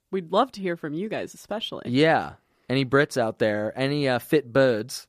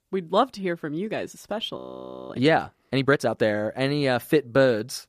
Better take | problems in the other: first | audio freezing; at 2 s for 0.5 s

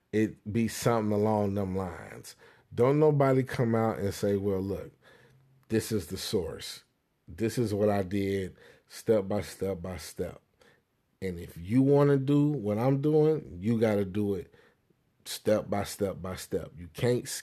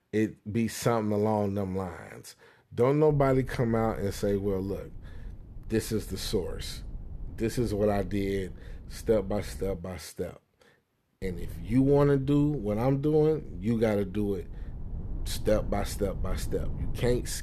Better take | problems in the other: first | low rumble; faint; from 3 to 10 s and from 11 s on; 25 dB below the speech

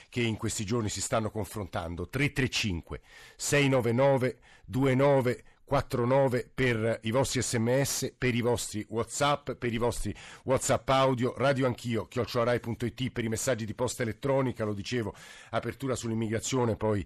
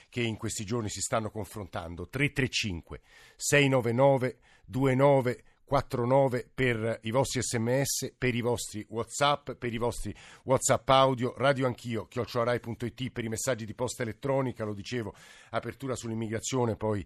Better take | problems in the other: second | distortion; slight; 10 dB below the speech

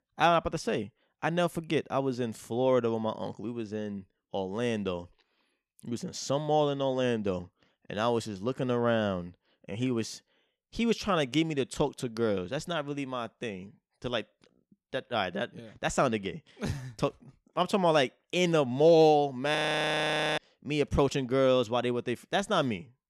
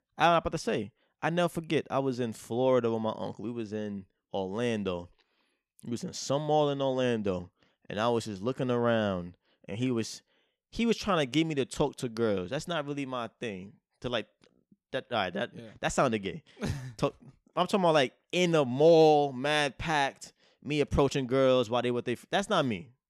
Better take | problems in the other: second | audio freezing; at 20 s for 1 s

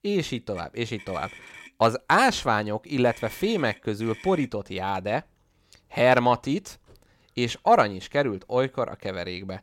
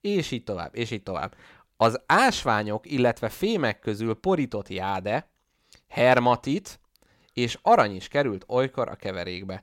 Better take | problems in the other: second | traffic noise; noticeable; throughout; 20 dB below the speech

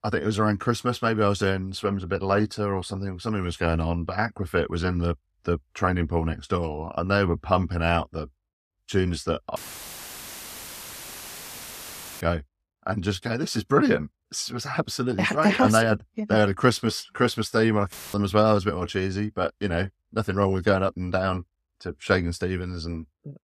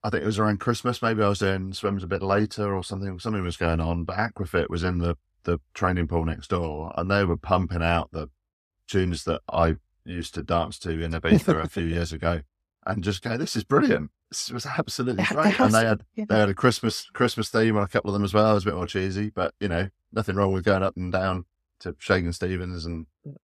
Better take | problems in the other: second | audio cutting out; filled with static; at 9.5 s for 2.5 s and at 18 s

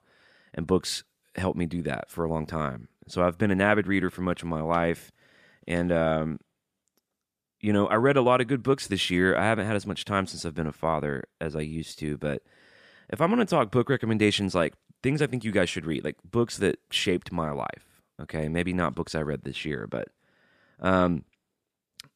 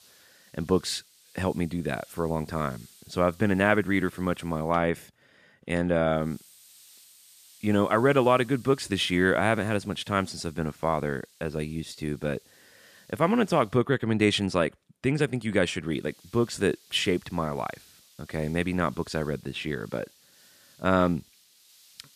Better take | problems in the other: first | hiss; faint; until 4.5 s, from 6 to 14 s and from 16 s on; 25 dB below the speech

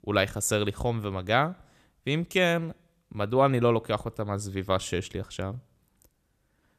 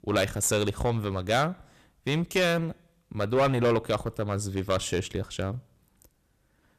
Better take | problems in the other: first | distortion; heavy; 6% of the sound clipped

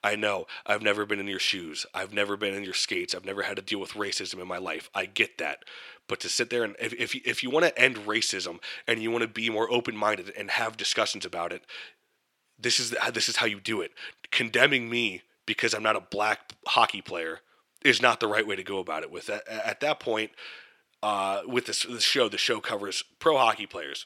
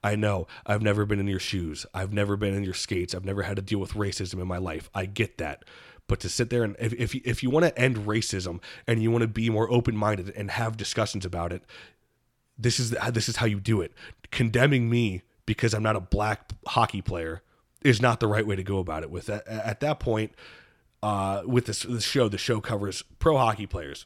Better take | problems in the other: second | thin; somewhat; fading below 350 Hz

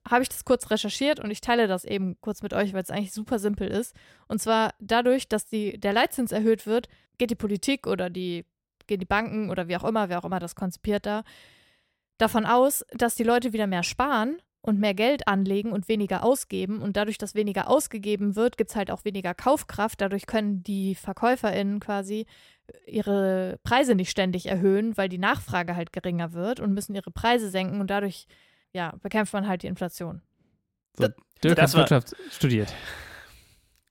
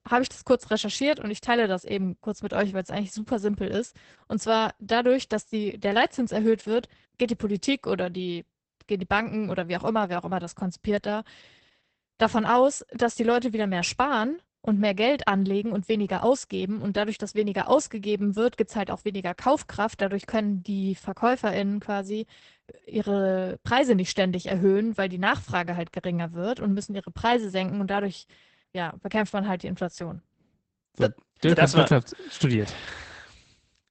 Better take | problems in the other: first | garbled, watery; badly; nothing above 8 kHz

